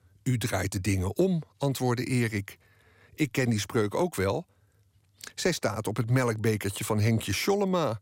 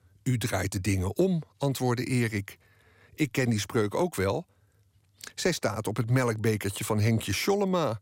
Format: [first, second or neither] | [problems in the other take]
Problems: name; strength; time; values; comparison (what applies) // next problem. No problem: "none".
neither | none